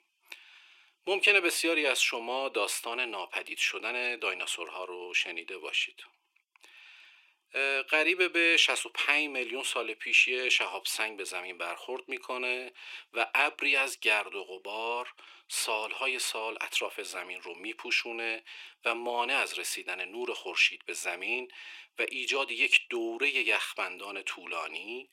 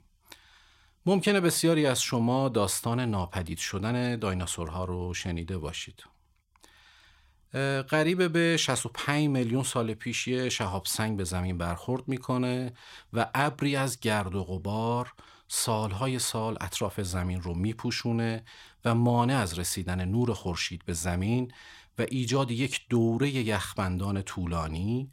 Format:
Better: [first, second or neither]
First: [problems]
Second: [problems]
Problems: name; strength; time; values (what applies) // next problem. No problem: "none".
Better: second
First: thin; very; fading below 350 Hz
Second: none